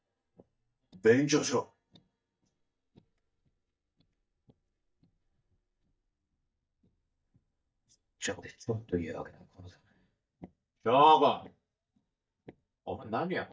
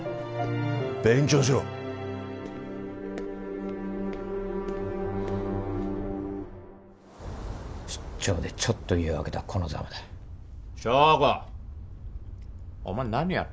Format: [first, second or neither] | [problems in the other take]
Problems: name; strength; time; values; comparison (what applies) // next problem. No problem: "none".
second | noise reduction (neural mask model DeepFilterNet 3)